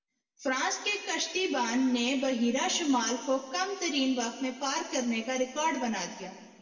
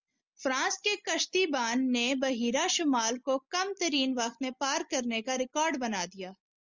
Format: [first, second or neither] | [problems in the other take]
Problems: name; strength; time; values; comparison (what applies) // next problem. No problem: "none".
second | room echo; dies away in 1.7 s